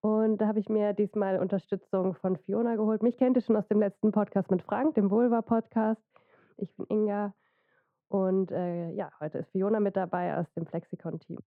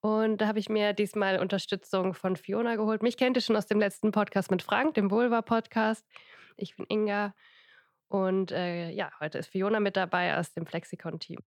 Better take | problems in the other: second | muffled; very; fading above 2 kHz

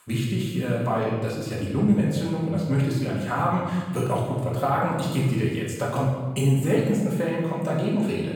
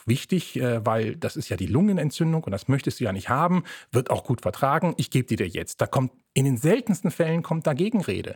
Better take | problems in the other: second | room echo; noticeable; dies away in 1.2 s // off-mic speech; far

